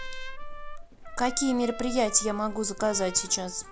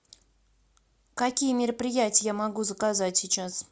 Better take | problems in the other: second | background sound (Trumpet + Livestock, farm animals, working animals); 9 dB below the speech

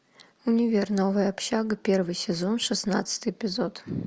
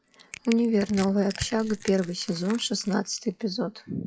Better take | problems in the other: first | noise reduction (classical method WPE with log-MMSE)

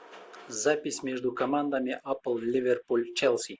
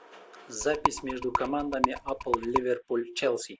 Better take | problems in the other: first | background sound (Rattle); as loud as the speech

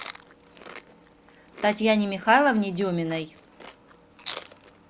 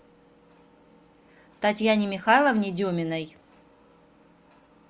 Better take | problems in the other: second | background sound (Chewing, mastication); 19 dB below the speech

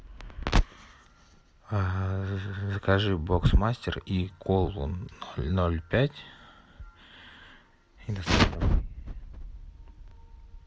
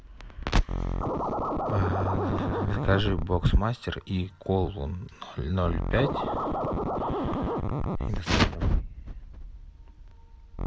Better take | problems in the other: first | background sound (Scratching (performance technique)); 2 dB below the speech

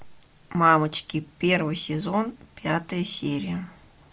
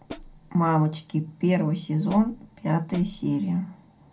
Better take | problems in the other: first | background sound (Hi-hat); 16 dB below the speech // room echo; dies away in 0.2 s

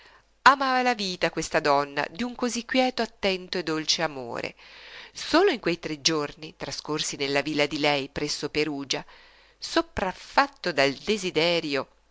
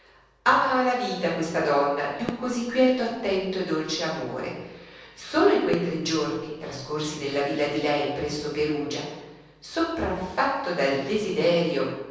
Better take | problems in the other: first | background sound (Fireworks); 17 dB below the speech // room echo; dies away in 1.1 s

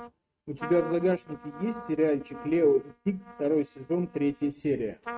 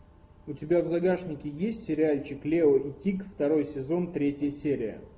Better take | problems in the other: second | noise reduction (neural mask model RNNoise)

